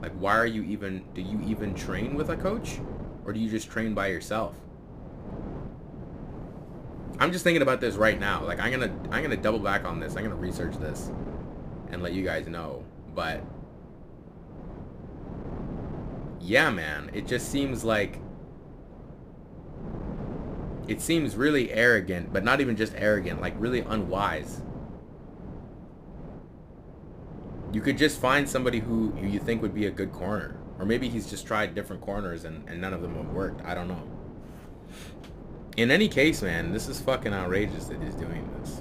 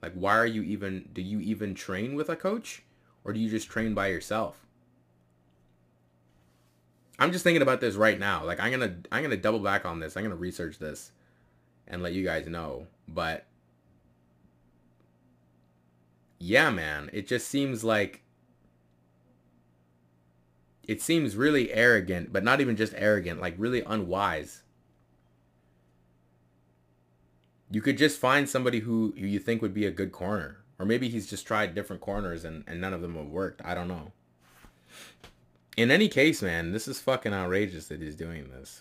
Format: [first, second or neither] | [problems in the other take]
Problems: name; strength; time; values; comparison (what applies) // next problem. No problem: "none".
second | wind noise on the microphone; occasional gusts; 15 dB below the speech